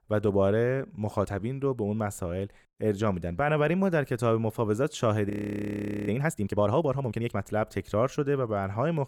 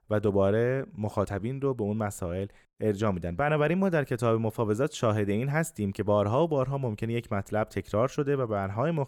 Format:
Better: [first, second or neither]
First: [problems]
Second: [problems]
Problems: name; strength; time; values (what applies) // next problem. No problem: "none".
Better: second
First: audio freezing; at 5.5 s for 1 s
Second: none